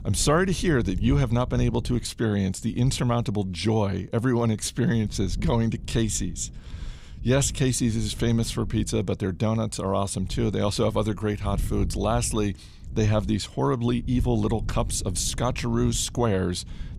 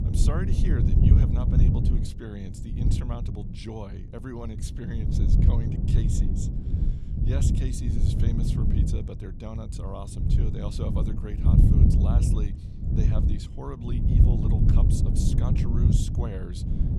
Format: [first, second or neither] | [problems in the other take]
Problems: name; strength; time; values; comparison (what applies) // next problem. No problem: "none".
first | wind noise on the microphone; heavy; 3 dB above the speech; occasional gusts in the first